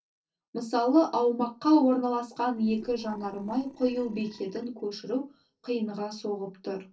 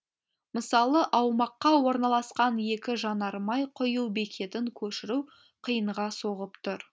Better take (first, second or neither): second